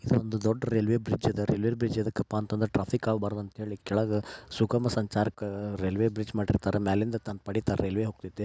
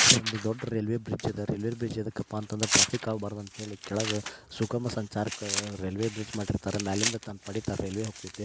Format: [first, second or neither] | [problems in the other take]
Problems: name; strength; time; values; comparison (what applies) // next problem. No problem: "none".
first | background sound (Tearing); 1 dB below the speech